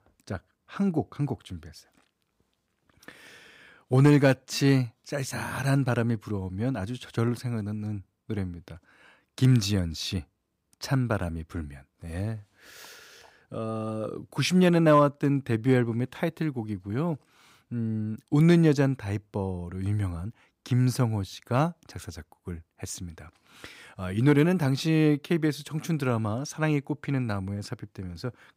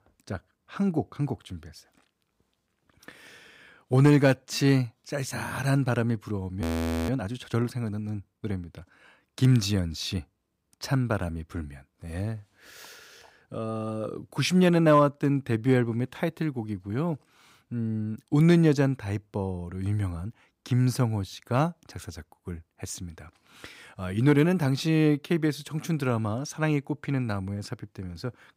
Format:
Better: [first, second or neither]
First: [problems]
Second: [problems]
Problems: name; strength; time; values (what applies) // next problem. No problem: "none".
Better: first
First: none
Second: audio freezing; at 6.5 s